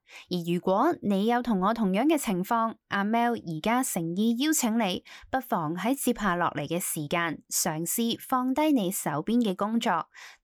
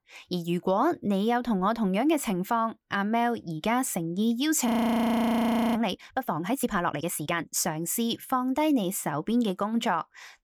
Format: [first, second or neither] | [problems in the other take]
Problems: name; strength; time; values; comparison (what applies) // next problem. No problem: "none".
first | audio freezing; at 4.5 s for 1 s